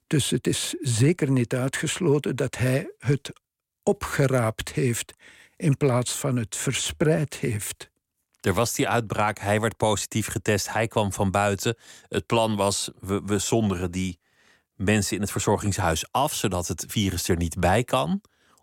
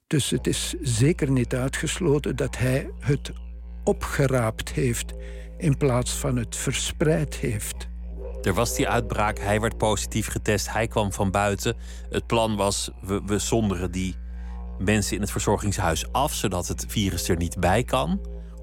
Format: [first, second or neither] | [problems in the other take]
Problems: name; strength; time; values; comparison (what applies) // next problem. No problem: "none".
first | background music; noticeable; throughout; 15 dB below the speech